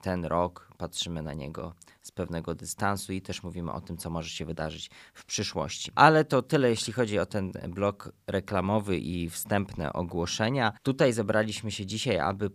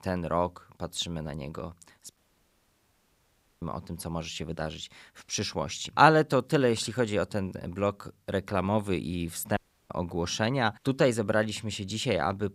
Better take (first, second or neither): first